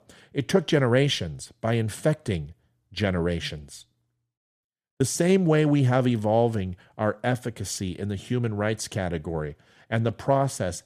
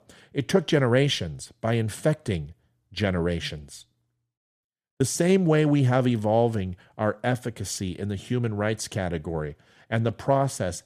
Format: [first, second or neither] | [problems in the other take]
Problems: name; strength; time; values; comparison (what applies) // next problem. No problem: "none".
neither | none